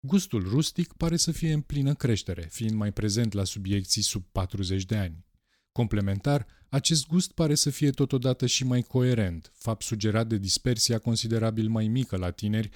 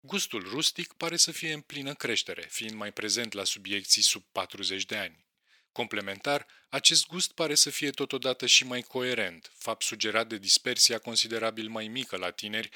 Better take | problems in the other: first | thin; very; fading below 500 Hz

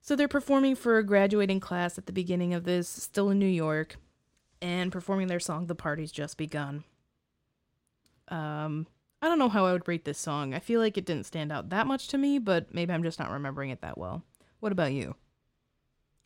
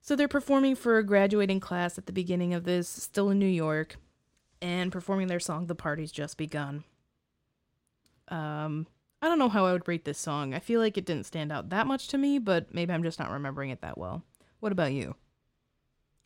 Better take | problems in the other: neither | none

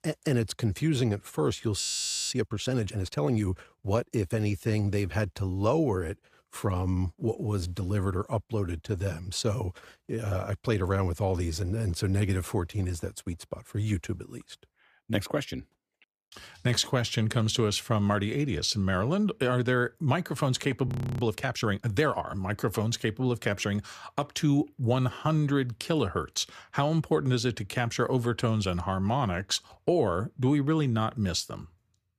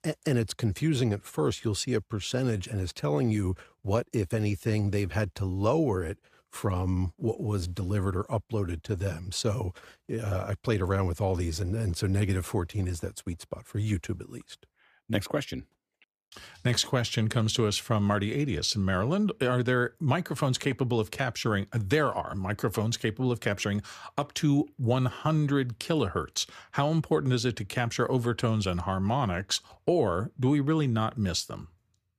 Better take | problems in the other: second | audio freezing; at 2 s and at 21 s

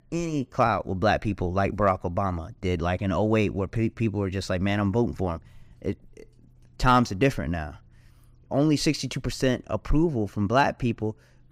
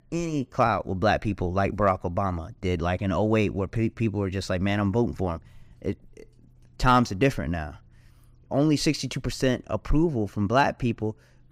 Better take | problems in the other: neither | none

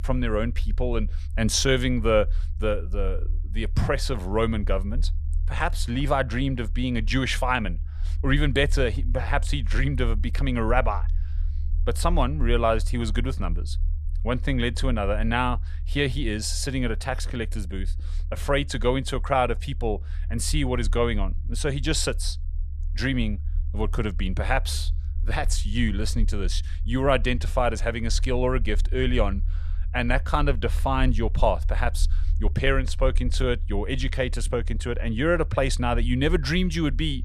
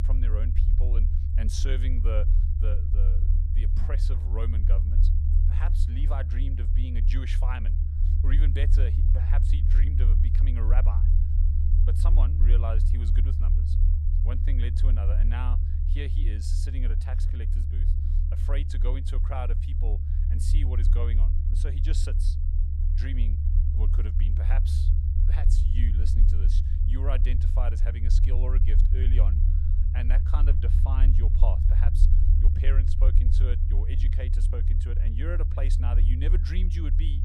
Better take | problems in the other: first | low rumble; loud; throughout; 2 dB below the speech; faint in the first

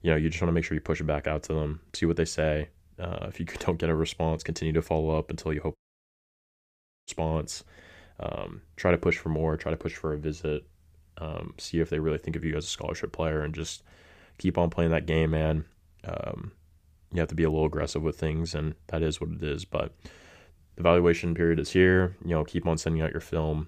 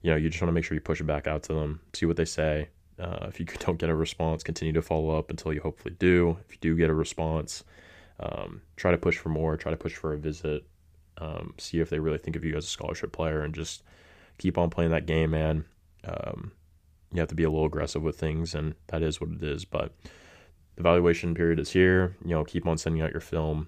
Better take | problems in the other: second | audio cutting out; at 6 s for 1.5 s

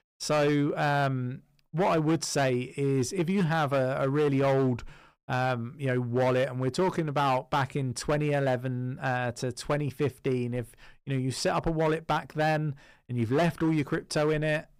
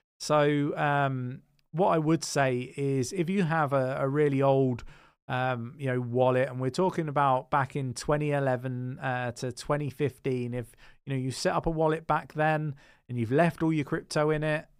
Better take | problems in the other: second | distortion; slight; 8% of the sound clipped

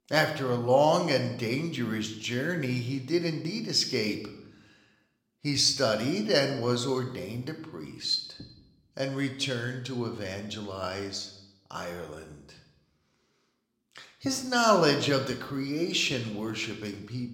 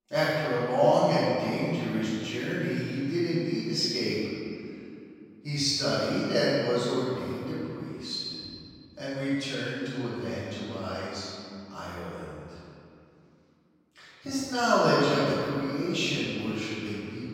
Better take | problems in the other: first | room echo; strong; dies away in 2.5 s; slight in the first // off-mic speech; far

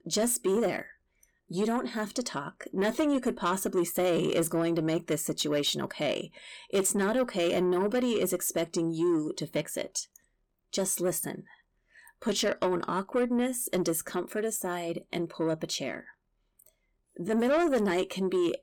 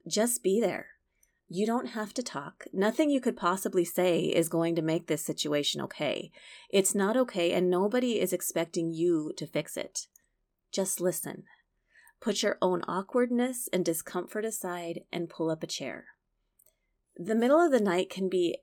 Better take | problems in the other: second | distortion; slight; 10 dB below the speech

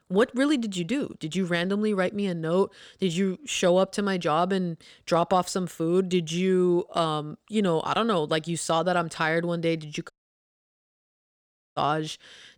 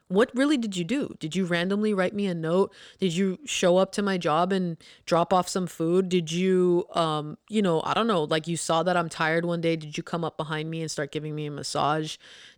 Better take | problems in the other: second | audio cutting out; at 10 s for 1.5 s

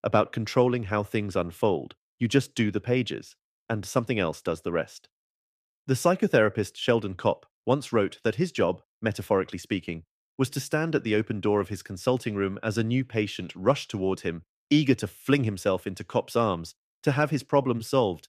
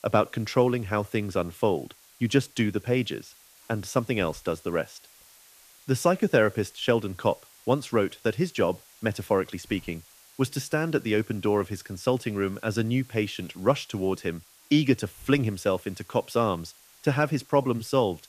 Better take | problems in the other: first | hiss; faint; throughout; 25 dB below the speech

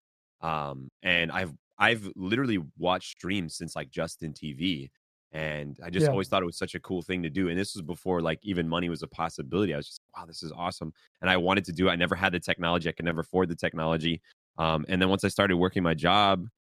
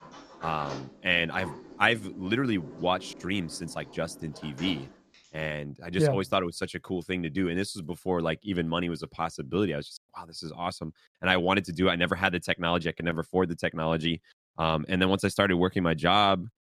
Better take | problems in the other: first | door banging; faint; until 5 s; peak 10 dB below the speech

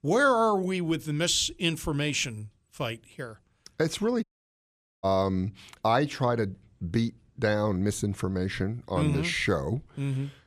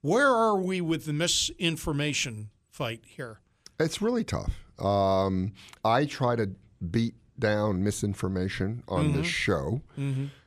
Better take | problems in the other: second | audio cutting out; at 4 s for 1 s

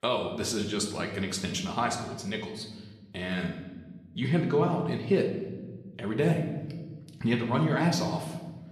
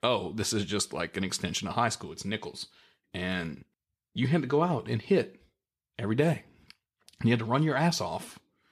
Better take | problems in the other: second | room echo; slight; dies away in 1.2 s

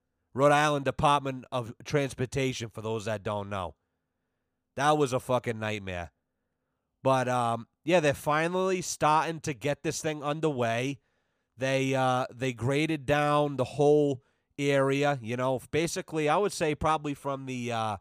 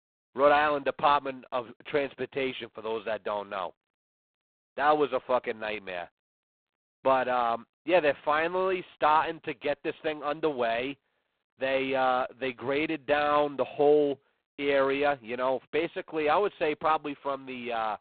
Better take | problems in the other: first | phone-call audio; poor line; nothing above 4 kHz

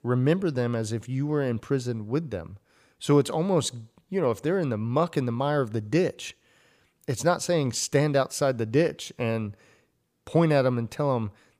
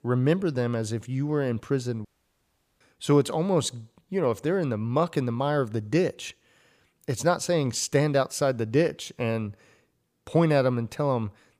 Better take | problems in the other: first | audio cutting out; at 2 s for 1 s

